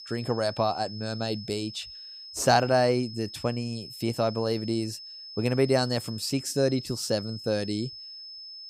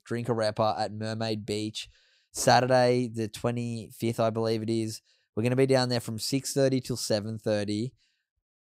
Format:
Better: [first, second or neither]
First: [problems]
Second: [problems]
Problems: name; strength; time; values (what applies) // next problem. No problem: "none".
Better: second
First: high-pitched whine; noticeable; throughout; 5 kHz, 15 dB below the speech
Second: none